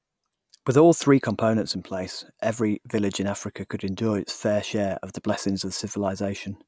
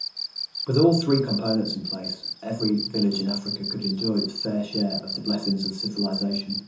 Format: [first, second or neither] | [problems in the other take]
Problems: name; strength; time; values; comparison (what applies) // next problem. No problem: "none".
first | background sound (Cricket); 7 dB below the speech // room echo; dies away in 0.5 s